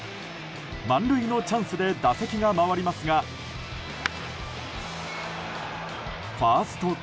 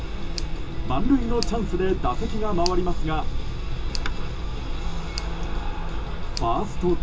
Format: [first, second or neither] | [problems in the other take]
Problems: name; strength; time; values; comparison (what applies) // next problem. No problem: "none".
first | background sound (Tick); 3 dB above the speech // room echo; dies away in 0.2 s